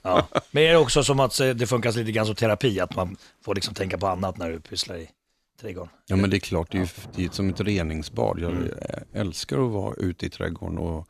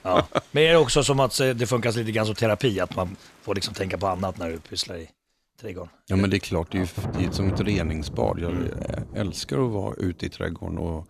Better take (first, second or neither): first